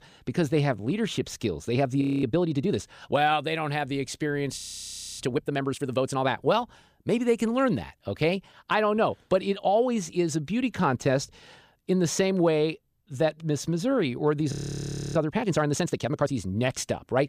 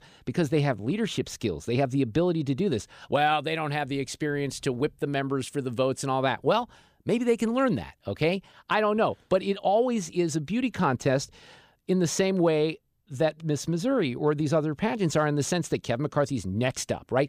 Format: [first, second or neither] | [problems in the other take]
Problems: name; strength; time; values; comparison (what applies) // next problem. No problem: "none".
second | audio freezing; at 2 s, at 4.5 s for 0.5 s and at 15 s for 0.5 s